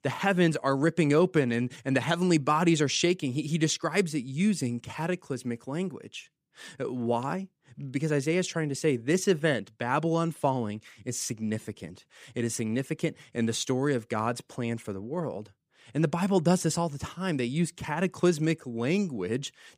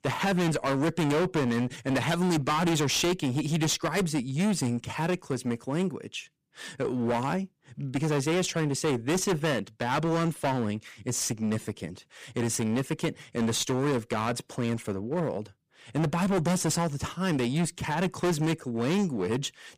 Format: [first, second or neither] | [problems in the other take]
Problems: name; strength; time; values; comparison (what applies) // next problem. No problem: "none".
first | distortion; heavy; 20% of the sound clipped